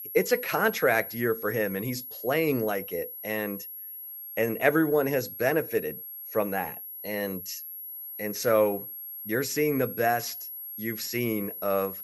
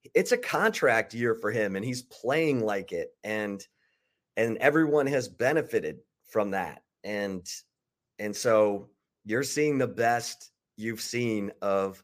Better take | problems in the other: second | high-pitched whine; loud; throughout; 11.5 kHz, 9 dB below the speech

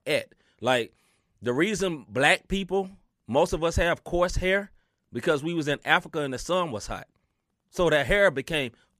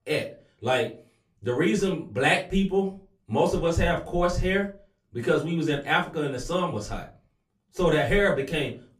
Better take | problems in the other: first | off-mic speech; far // room echo; very slight; dies away in 0.3 s

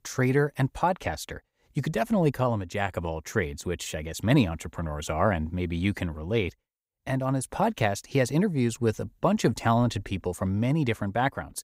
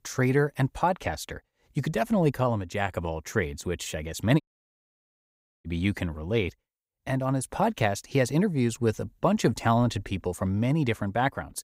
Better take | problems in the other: first | audio cutting out; at 4.5 s for 1 s

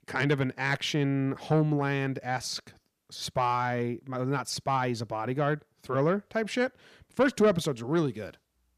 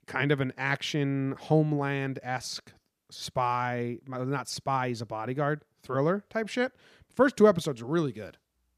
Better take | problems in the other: second | distortion; slight; 10 dB below the speech

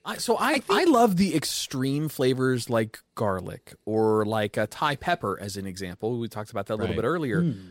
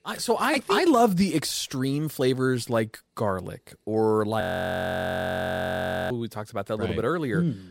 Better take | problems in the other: first | audio freezing; at 4.5 s for 1.5 s

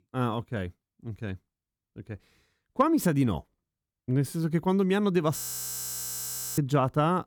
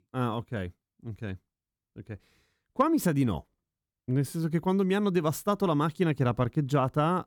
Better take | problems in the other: second | audio freezing; at 5.5 s for 1 s

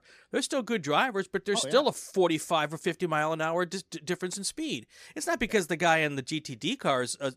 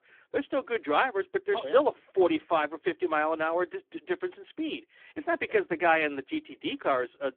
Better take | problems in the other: first | phone-call audio; poor line; nothing above 3.5 kHz

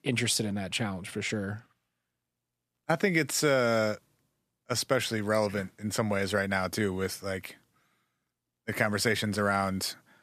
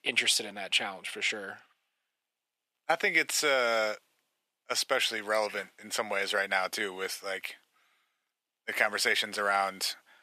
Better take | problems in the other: first | thin; very; fading below 500 Hz

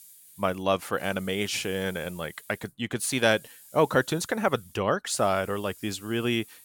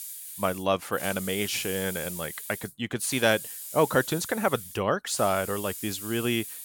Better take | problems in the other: first | hiss; loud; throughout; 9 dB below the speech; faint in the first

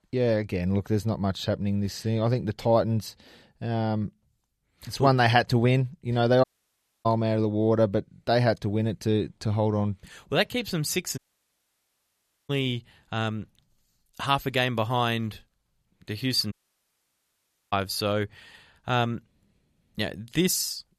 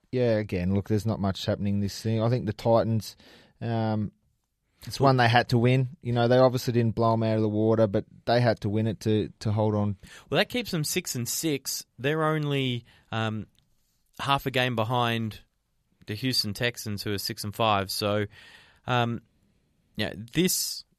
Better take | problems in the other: second | audio cutting out; at 6.5 s for 0.5 s, at 11 s for 1.5 s and at 17 s for 1 s

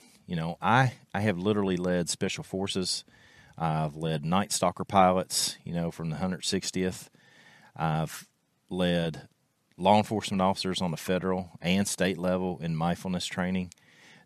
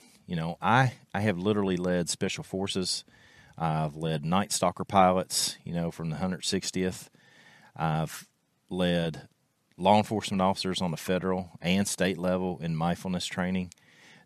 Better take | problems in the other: neither | none

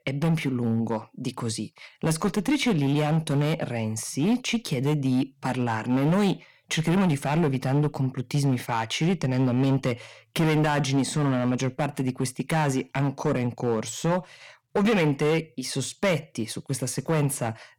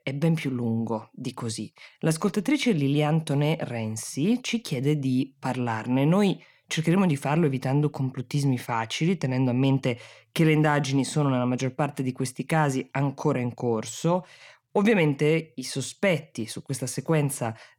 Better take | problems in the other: second | distortion; slight; 9% of the sound clipped

